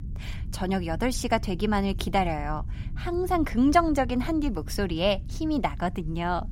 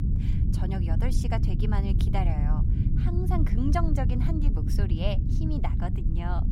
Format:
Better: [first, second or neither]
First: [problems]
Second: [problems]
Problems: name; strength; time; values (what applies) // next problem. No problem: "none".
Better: first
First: low rumble; faint; throughout; 25 dB below the speech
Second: low rumble; loud; throughout; 4 dB below the speech